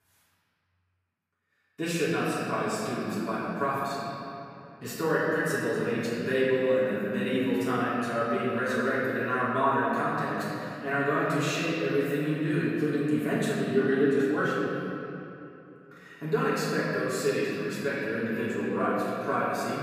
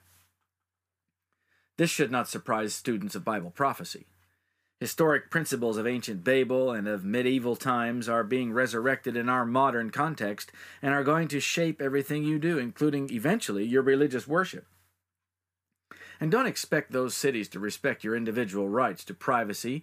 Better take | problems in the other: second | off-mic speech; far // room echo; strong; dies away in 2.8 s

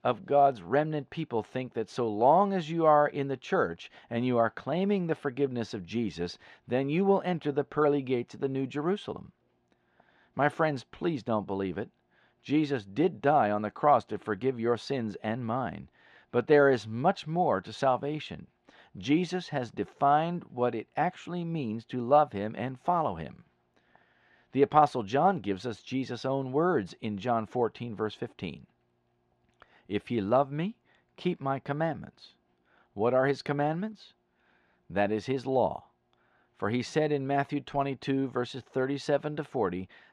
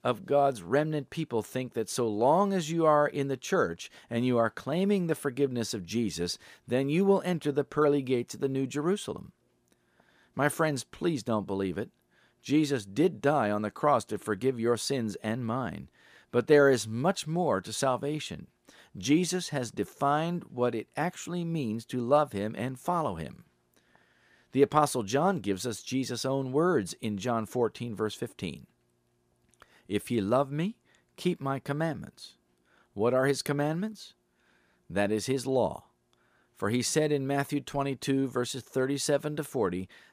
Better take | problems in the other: second | muffled; slightly; fading above 3 kHz

